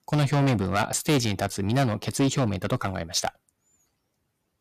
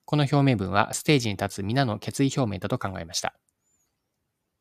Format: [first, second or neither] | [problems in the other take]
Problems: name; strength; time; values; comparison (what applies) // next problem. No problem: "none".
second | distortion; heavy; 9% of the sound clipped